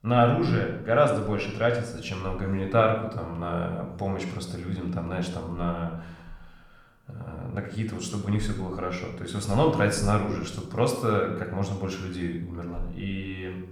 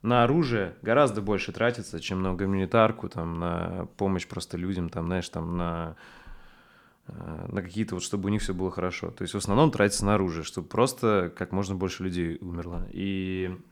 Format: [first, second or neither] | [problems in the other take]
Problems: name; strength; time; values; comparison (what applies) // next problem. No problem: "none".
second | room echo; noticeable; dies away in 0.7 s // off-mic speech; somewhat distant